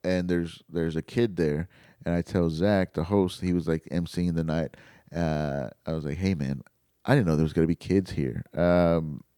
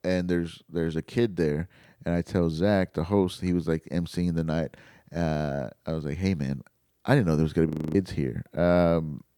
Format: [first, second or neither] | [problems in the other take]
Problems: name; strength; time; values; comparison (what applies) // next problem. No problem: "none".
first | audio freezing; at 7.5 s